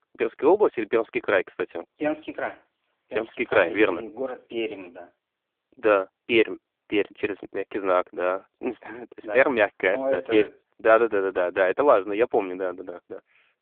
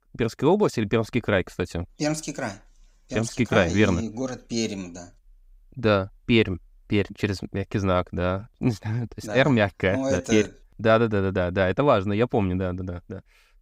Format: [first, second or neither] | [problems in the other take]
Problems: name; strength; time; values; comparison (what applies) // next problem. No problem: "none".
second | phone-call audio; poor line